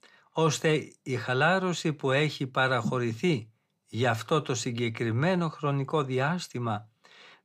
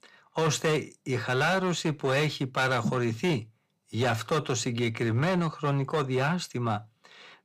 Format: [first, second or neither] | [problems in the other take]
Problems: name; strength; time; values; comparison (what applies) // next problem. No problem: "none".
first | distortion; slight; 9% of the sound clipped